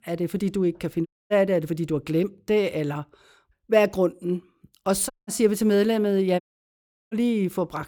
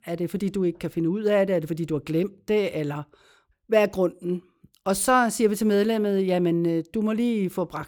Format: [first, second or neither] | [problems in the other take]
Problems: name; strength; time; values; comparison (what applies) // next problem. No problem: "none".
second | audio cutting out; at 1 s, at 5 s and at 6.5 s for 0.5 s